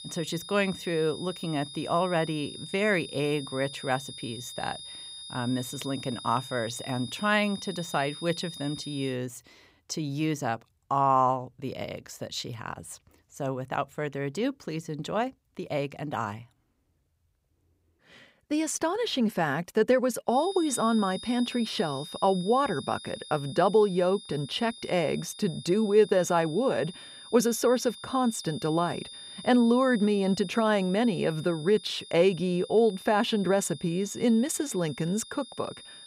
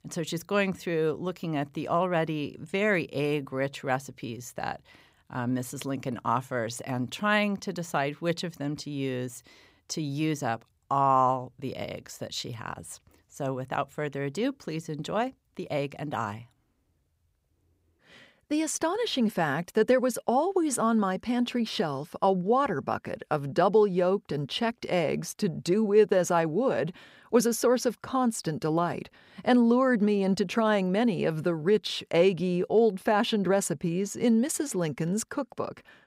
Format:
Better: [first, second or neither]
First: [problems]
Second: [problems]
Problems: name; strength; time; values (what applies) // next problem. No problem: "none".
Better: second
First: high-pitched whine; noticeable; until 9 s and from 20 s on; 3.5 kHz, 15 dB below the speech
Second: none